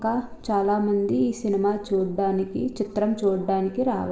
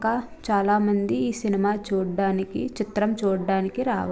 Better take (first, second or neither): second